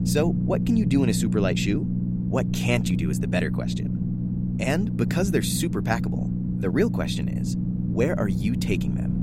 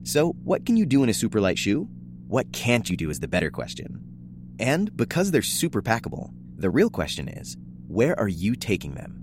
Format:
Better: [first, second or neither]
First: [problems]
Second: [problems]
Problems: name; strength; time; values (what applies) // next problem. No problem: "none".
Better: second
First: low rumble; loud; throughout; 6 dB below the speech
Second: low rumble; faint; throughout; 25 dB below the speech